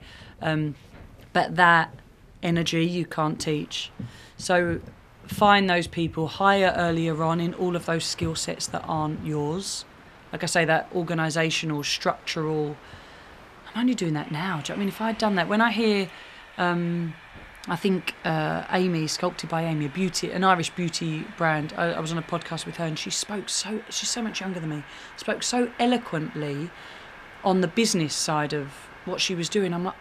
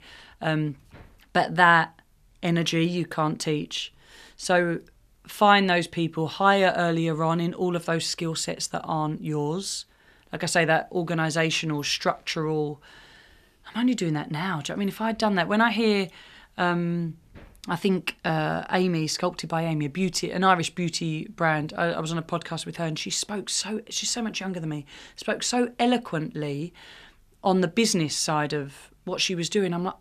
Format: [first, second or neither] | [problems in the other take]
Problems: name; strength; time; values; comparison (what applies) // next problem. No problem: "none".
second | train or aircraft noise; noticeable; throughout; 20 dB below the speech